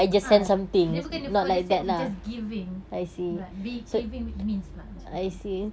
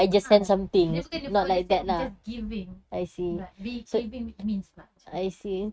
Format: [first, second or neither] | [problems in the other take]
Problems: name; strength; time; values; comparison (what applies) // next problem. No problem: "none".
first | noise reduction (neural mask model RNNoise)